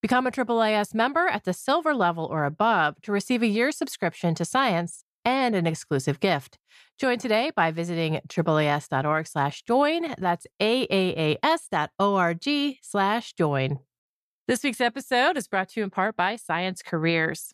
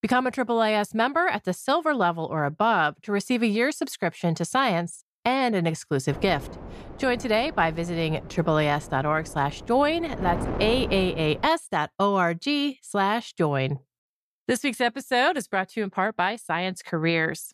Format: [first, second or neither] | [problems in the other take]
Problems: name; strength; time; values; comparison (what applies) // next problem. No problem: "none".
first | wind noise on the microphone; occasional gusts; from 6 to 11 s; 15 dB below the speech